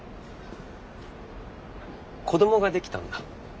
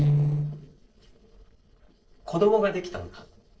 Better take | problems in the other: first | noise reduction (neural separator model SepFormer DNS4)

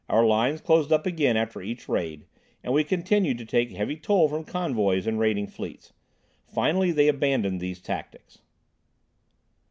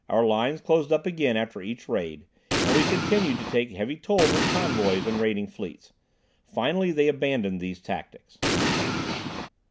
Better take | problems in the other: first | background sound (Explosion); 1 dB above the speech

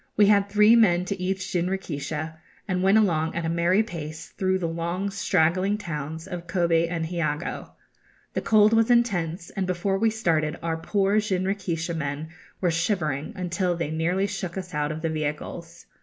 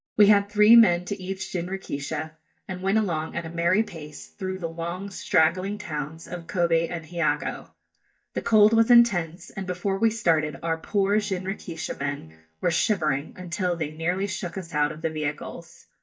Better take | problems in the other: first | noise reduction (neural mask model DeepFilterNet 3)

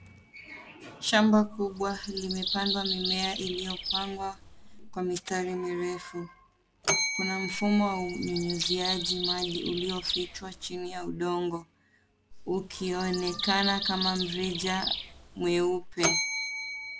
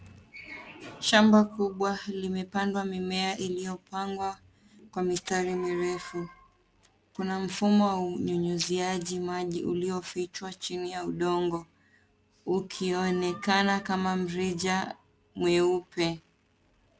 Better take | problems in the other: second | background sound (Bird vocalization, bird call, bird song + Bell); 4 dB below the speech

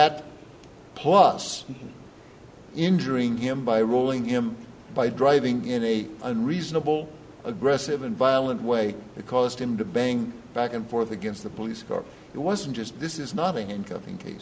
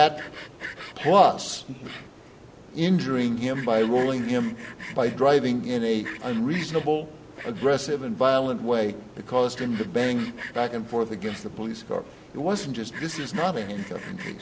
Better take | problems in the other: first | background sound (Sawing); 17 dB below the speech

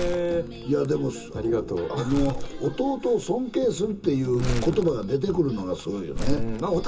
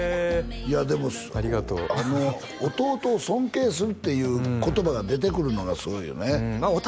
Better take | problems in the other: second | background sound (Crumpling, crinkling); 6 dB below the speech // room echo; dies away in 0.2 s

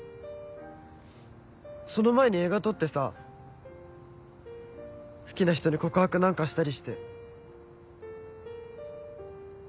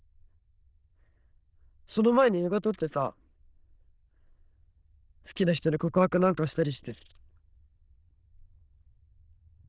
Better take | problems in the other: first | noise reduction (neural diffusion model UNIVERSE++)

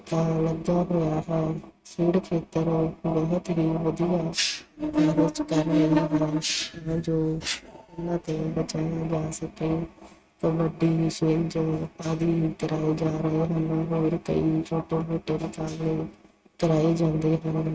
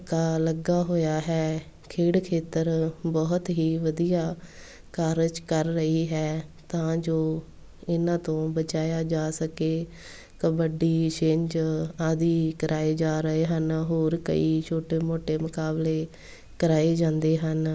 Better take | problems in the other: second | noise reduction (neural mask model RNNoise)

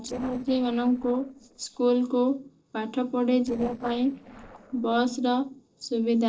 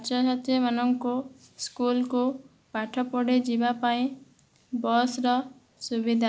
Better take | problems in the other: second | noise reduction (neural separator model SepFormer DNS4)

